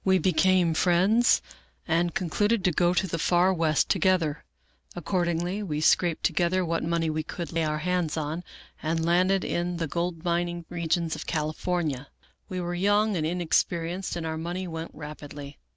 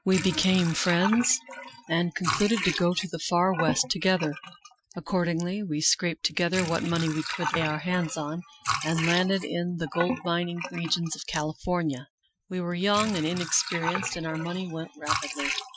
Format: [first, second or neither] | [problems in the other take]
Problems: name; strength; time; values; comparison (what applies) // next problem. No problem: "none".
first | noise reduction (classical method Wiener filter)